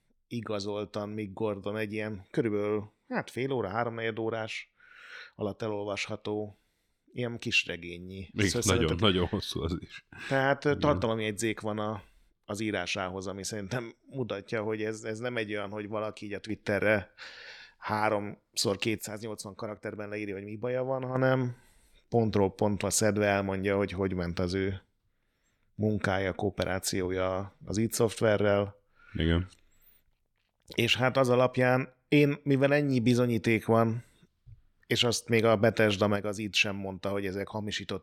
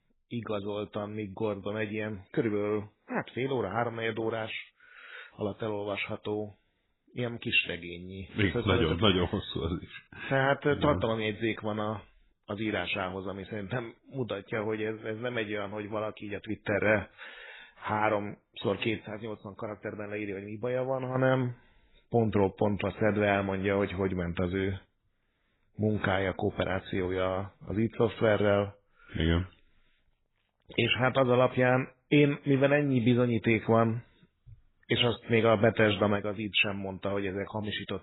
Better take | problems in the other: first | garbled, watery; badly; nothing above 4 kHz

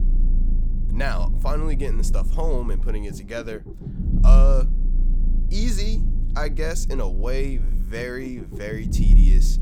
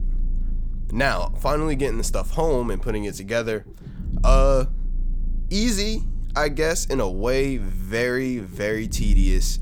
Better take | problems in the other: second | low rumble; loud; throughout; 10 dB below the speech; faint in the second

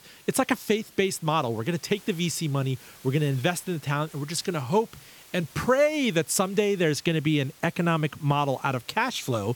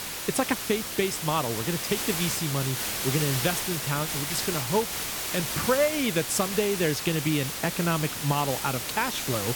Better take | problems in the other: first | hiss; loud; throughout; 2 dB below the speech; faint in the first

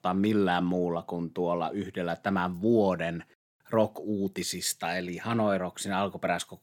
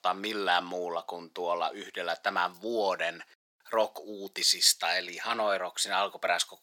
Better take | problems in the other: first | thin; very; fading below 700 Hz

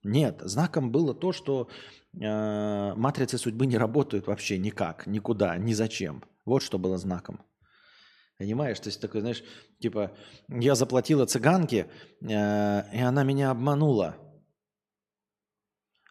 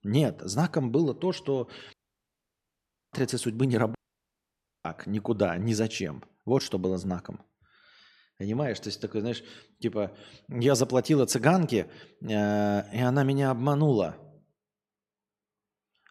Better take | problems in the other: first | audio cutting out; at 2 s for 1 s and at 4 s for 1 s

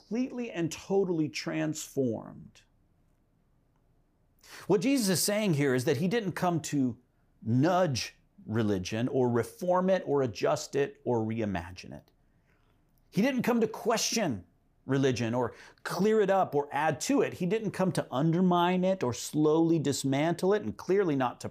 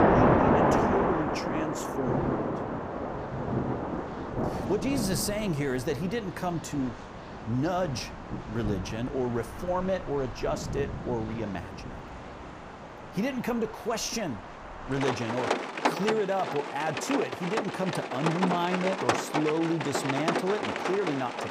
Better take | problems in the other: first | rain or running water; very loud; throughout; as loud as the speech

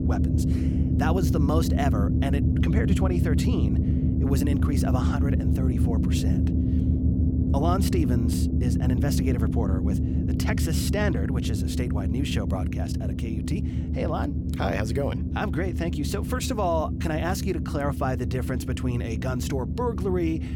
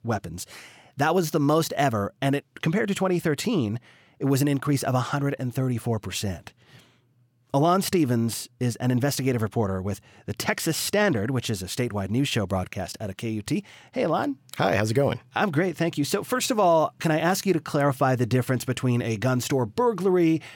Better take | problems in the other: second | low rumble; loud; throughout; 3 dB below the speech

